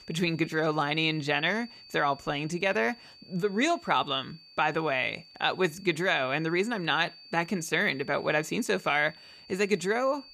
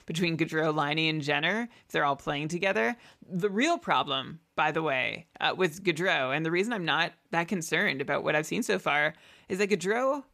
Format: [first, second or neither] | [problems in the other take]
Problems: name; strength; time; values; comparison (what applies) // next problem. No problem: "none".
second | high-pitched whine; faint; throughout; 4.5 kHz, 20 dB below the speech